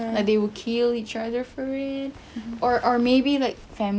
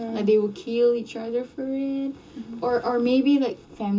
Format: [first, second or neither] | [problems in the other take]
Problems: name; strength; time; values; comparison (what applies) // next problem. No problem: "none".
first | room echo; dies away in 0.2 s